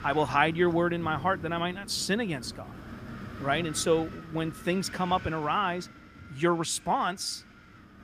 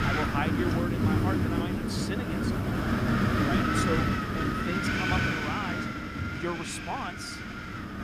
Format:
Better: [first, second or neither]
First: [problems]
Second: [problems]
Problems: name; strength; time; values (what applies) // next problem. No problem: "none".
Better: first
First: wind noise on the microphone; occasional gusts; 20 dB below the speech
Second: wind noise on the microphone; heavy; 5 dB above the speech